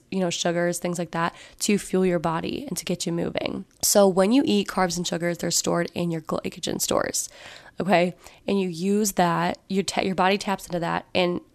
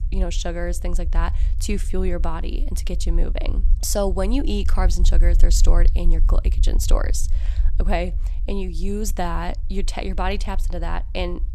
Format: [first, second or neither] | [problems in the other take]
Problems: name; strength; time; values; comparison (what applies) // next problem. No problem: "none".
first | low rumble; noticeable; throughout; 20 dB below the speech